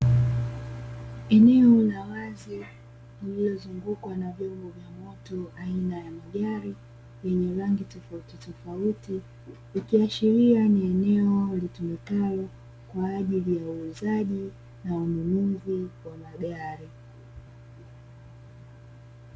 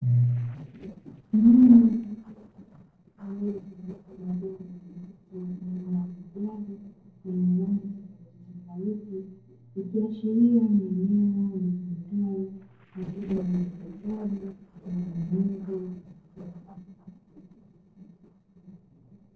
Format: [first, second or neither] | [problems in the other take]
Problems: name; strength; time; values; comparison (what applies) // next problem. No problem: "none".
first | noise reduction (neural separator model SepFormer DNS4)